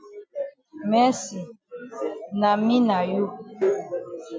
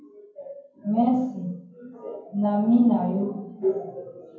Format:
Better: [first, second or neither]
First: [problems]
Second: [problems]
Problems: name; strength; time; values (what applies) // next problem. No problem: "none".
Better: first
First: none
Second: room echo; dies away in 0.9 s